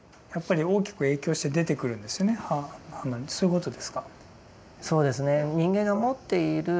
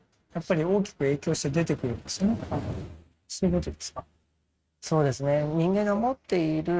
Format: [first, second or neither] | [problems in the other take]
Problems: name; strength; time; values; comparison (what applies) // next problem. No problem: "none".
first | noise reduction (neural mask model RNNoise)